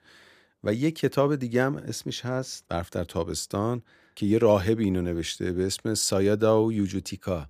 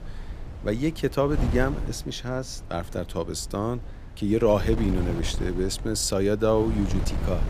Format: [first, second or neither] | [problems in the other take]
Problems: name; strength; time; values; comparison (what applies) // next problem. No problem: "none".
first | wind noise on the microphone; occasional gusts; 15 dB below the speech